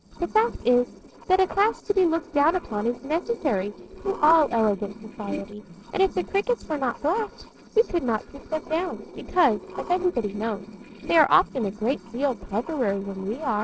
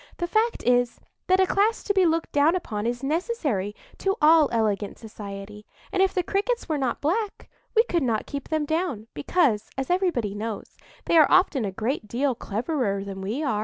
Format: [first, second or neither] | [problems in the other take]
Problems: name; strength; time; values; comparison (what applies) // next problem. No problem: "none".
second | noise reduction (neural separator model SepFormer DNS4)